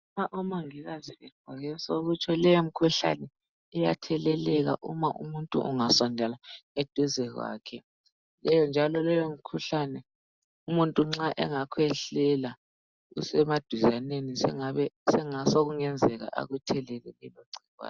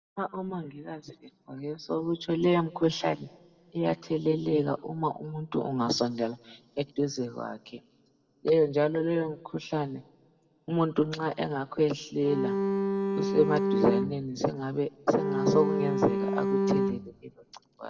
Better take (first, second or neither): first